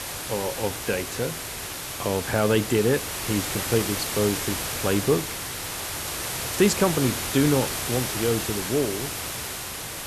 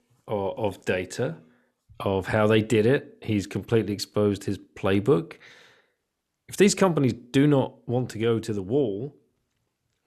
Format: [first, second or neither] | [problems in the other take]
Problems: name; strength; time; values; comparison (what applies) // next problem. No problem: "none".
second | hiss; loud; throughout; 3 dB below the speech